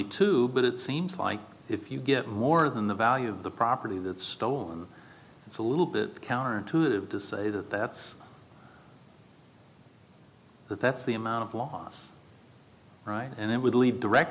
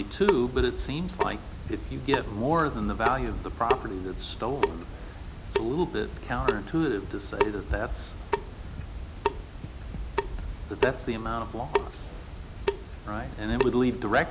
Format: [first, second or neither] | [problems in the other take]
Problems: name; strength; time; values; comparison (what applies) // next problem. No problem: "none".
first | background sound (Drip / Sink (filling or washing) / Water tap, faucet); 2 dB below the speech